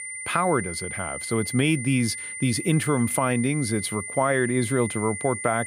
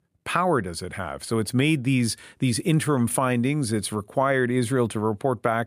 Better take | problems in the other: second | high-pitched whine; loud; throughout; 2 kHz, 7 dB below the speech

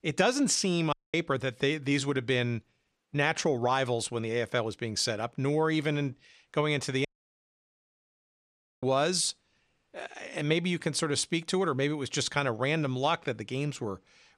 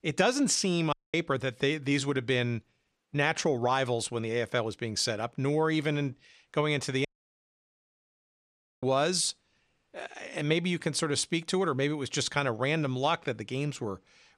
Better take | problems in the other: neither | audio cutting out; at 1 s and at 7 s for 2 s; the same in both

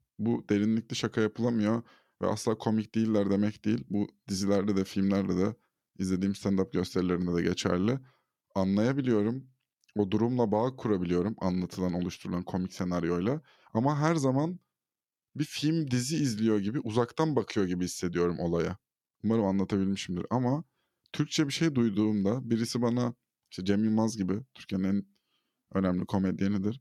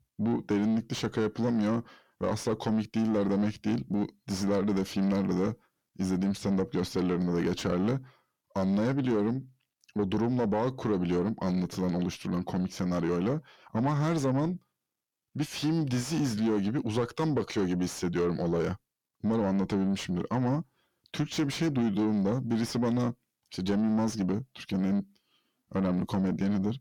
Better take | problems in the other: first | distortion; slight; 10 dB below the speech

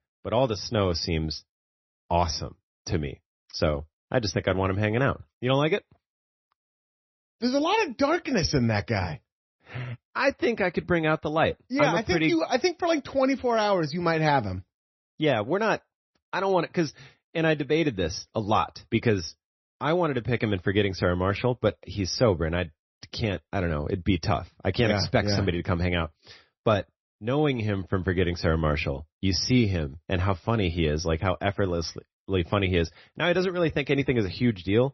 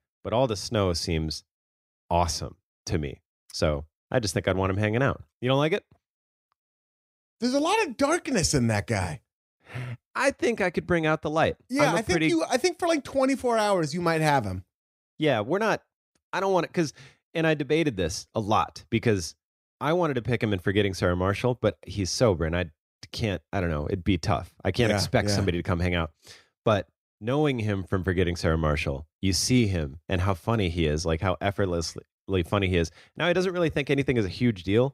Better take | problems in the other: second | garbled, watery; slightly; nothing above 6 kHz

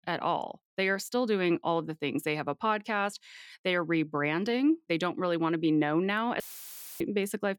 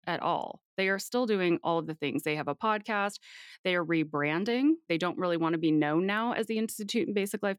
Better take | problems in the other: second | audio cutting out; filled with static; at 6.5 s for 0.5 s

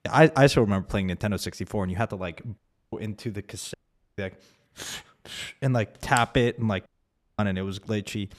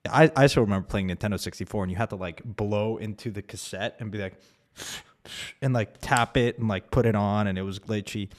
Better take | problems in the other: second | audio cutting out; at 2.5 s, at 3.5 s and at 7 s for 0.5 s

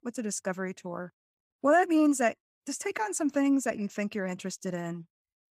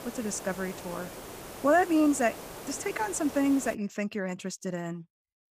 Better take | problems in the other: first | hiss; noticeable; until 3.5 s; 15 dB below the speech

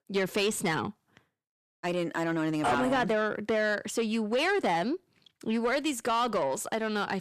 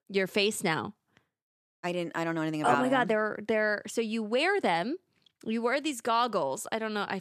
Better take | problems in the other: second | distortion; slight; 10 dB below the speech

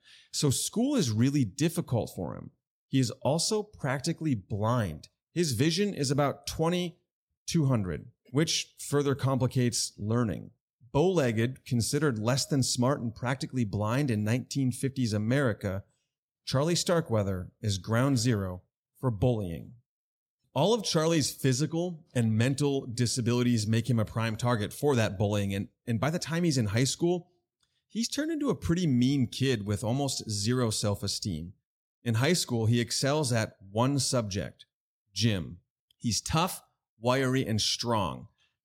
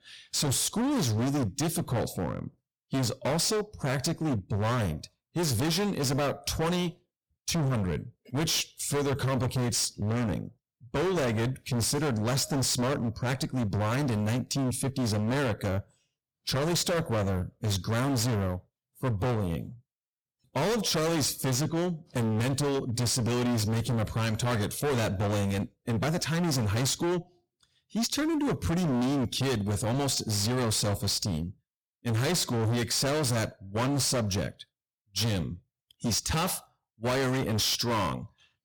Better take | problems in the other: first | distortion; heavy; 30% of the sound clipped

